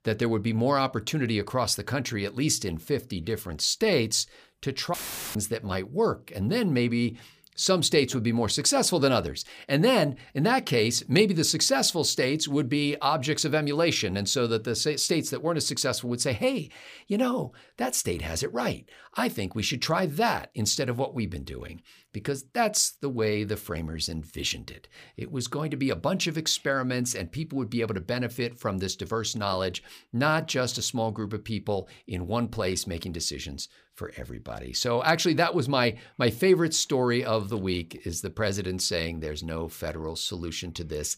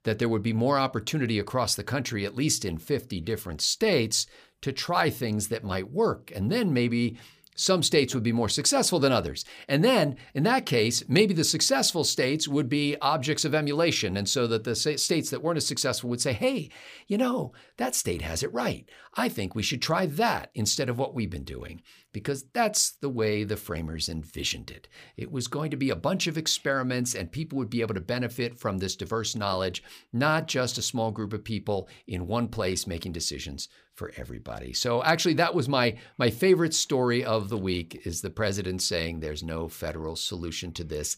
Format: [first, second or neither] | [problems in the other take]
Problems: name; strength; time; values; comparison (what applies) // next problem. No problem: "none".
second | audio cutting out; filled with static; at 5 s